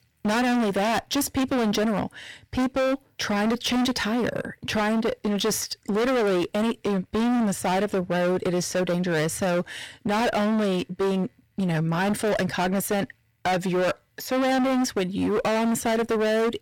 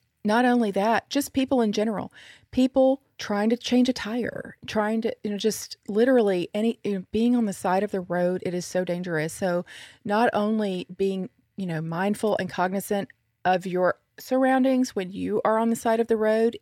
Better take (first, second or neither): second